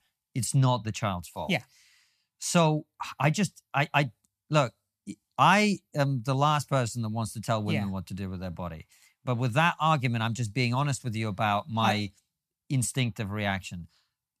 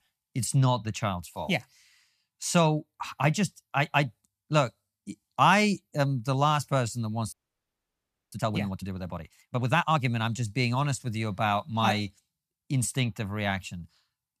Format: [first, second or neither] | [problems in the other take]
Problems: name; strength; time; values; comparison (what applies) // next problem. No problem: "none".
first | audio freezing; at 7.5 s for 1 s